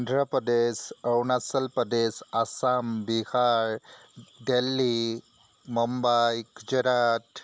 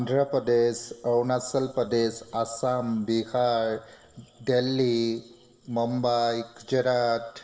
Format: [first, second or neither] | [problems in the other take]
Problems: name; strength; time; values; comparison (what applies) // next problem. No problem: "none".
first | noise reduction (neural separator model SepFormer DNS4)